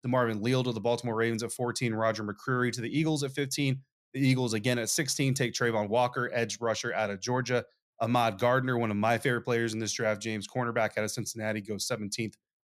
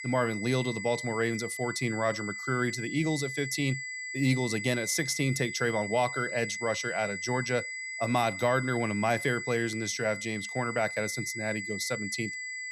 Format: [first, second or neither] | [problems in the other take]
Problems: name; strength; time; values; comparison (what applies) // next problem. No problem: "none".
first | high-pitched whine; loud; throughout; 2 kHz, 6 dB below the speech